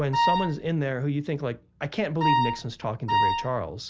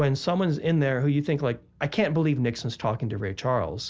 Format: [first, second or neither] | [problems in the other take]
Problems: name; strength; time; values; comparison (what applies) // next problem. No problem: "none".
second | background sound (Wind instrument, woodwind instrument); 3 dB above the speech